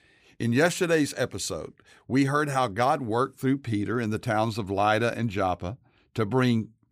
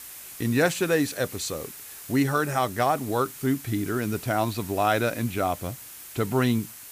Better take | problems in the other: first | hiss; noticeable; throughout; 15 dB below the speech

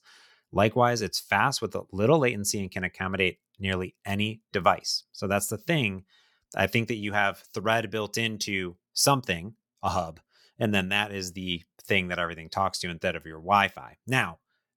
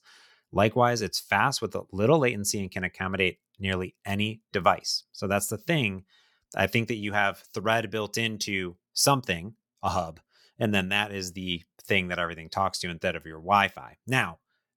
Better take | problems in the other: neither | none

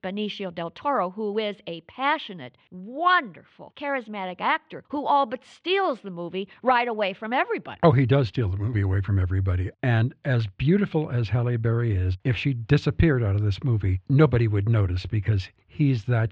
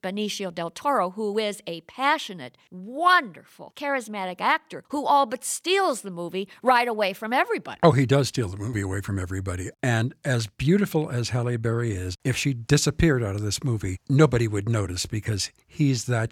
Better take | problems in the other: second | muffled; slightly; fading above 3.5 kHz

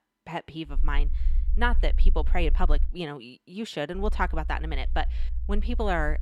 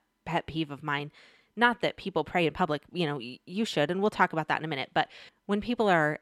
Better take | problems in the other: second | low rumble; faint; from 0.5 to 3 s and from 4 s on; 20 dB below the speech

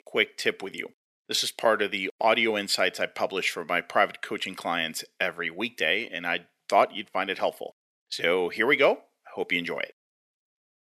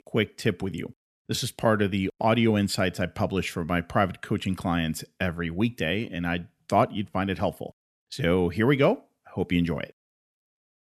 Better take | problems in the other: second | thin; somewhat; fading below 500 Hz

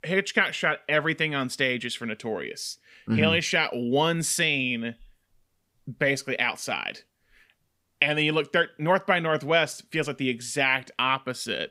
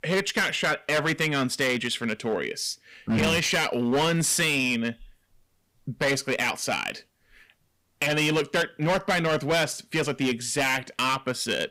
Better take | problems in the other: first | distortion; heavy; 12% of the sound clipped

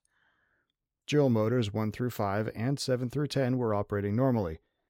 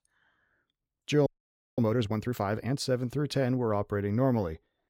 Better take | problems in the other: first | audio freezing; at 1.5 s for 0.5 s

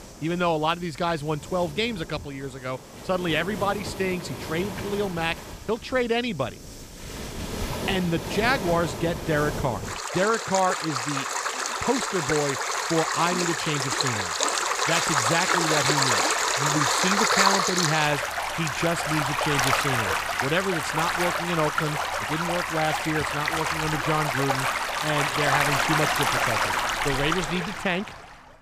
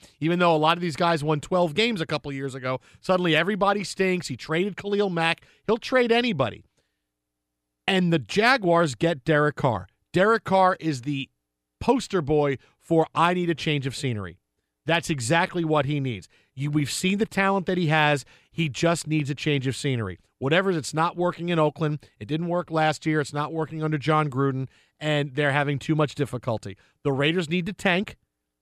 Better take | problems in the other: second | rain or running water; very loud; throughout; 2 dB above the speech

